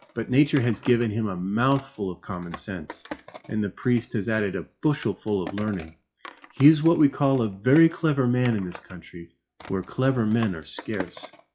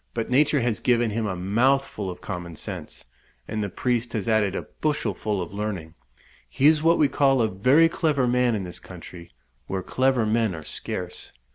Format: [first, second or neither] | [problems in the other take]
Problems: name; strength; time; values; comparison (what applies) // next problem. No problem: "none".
second | noise reduction (classical method WPE with log-MMSE)